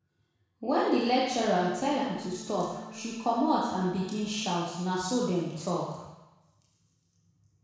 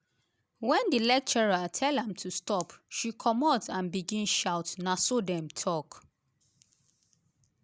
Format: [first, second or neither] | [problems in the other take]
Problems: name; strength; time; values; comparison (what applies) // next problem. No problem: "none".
second | background sound (Organ); 16 dB below the speech // room echo; dies away in 1.1 s